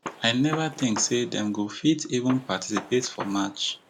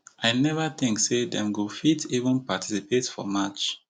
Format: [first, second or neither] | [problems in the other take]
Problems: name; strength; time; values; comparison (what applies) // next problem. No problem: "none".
second | background sound (Gunshot, gunfire); 13 dB below the speech